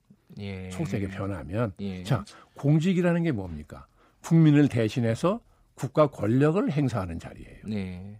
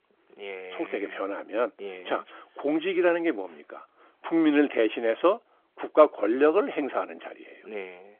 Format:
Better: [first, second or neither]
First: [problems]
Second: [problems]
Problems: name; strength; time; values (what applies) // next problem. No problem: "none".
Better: first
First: none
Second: phone-call audio; nothing above 3.5 kHz